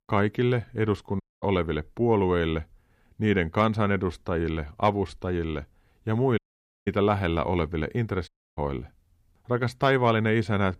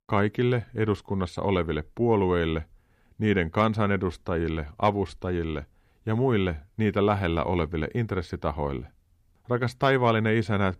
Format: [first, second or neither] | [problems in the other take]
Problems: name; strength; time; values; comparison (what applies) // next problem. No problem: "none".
second | audio cutting out; at 1 s, at 6.5 s and at 8.5 s